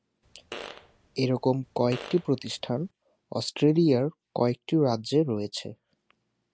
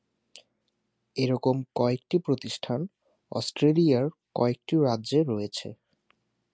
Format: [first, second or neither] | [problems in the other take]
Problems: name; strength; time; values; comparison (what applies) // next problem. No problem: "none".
second | background sound (Fart); 18 dB below the speech